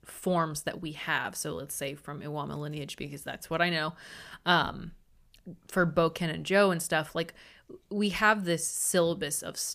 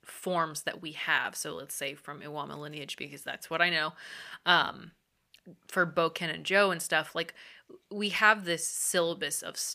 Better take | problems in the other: first | thin; very slightly; fading below 300 Hz

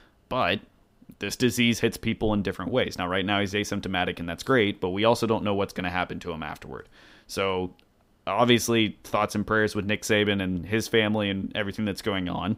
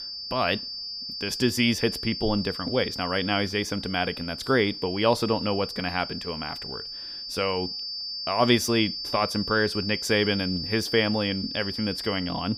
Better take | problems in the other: first | high-pitched whine; loud; throughout; 4.5 kHz, 6 dB below the speech

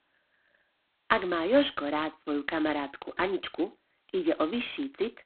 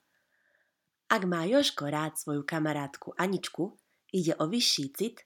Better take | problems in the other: second | phone-call audio; poor line

